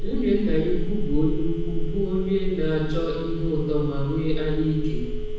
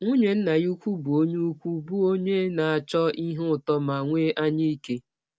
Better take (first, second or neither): second